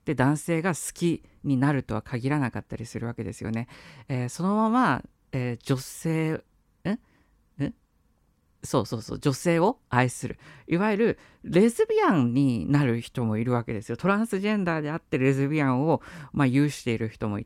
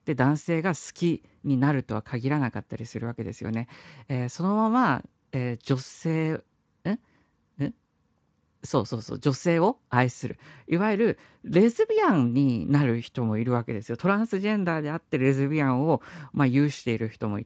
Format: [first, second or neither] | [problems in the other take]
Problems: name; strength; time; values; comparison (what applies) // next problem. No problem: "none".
first | garbled, watery; slightly; nothing above 7.5 kHz